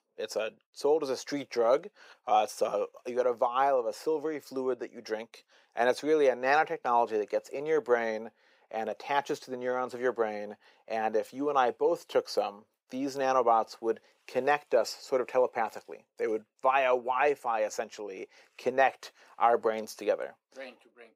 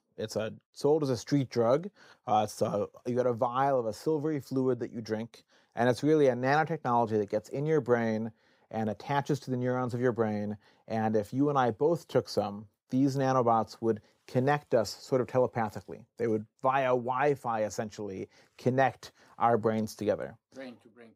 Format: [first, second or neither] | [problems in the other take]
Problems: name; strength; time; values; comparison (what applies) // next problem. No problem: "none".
second | thin; somewhat; fading below 500 Hz